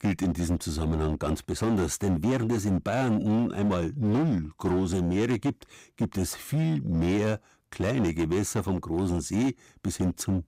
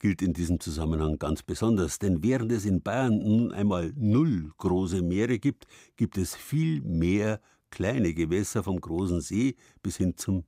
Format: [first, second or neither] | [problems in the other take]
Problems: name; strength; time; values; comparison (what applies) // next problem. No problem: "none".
second | distortion; slight; 15% of the sound clipped